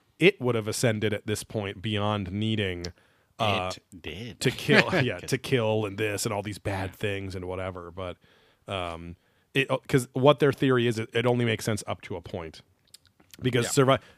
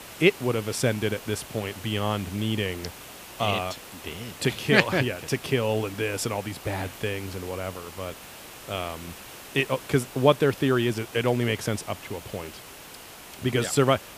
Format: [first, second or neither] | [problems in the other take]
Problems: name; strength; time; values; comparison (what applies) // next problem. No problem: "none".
first | hiss; noticeable; throughout; 15 dB below the speech